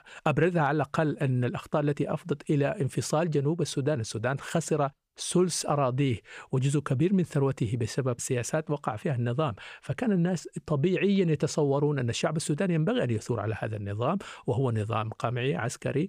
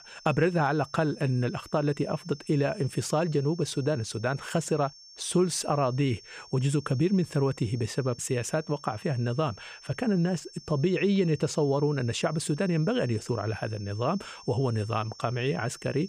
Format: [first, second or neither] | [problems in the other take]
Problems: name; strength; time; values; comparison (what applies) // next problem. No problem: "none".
first | high-pitched whine; noticeable; throughout; 5.5 kHz, 20 dB below the speech